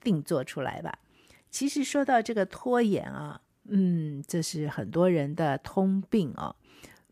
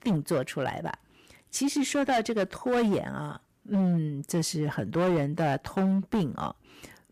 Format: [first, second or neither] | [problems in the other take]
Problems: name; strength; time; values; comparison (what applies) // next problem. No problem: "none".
first | distortion; slight; 12% of the sound clipped